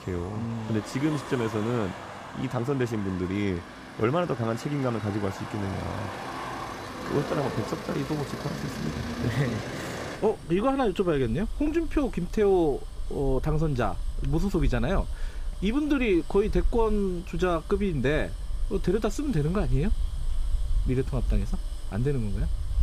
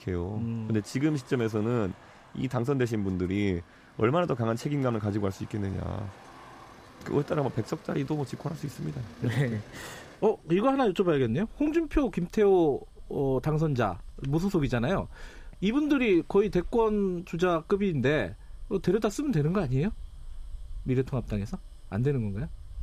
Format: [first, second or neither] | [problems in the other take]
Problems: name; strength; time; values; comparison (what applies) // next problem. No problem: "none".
second | traffic noise; loud; throughout; 8 dB below the speech; faint in the second